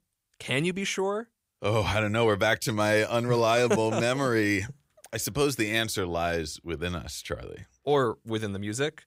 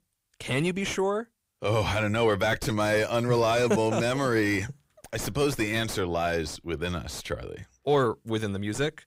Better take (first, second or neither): first